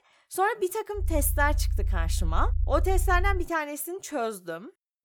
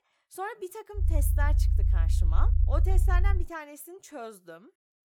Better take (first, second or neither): first